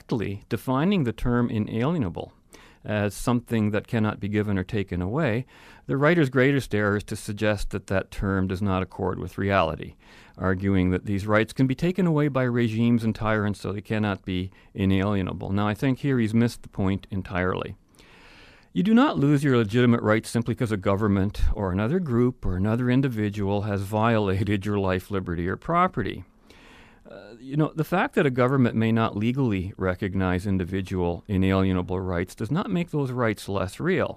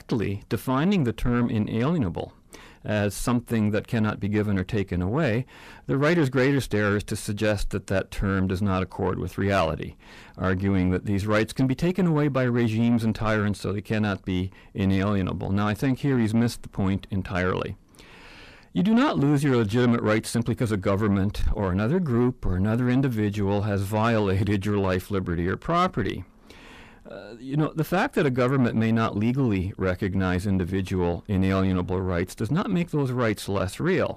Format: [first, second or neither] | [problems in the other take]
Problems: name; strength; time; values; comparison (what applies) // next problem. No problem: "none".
first | distortion; slight; 10 dB below the speech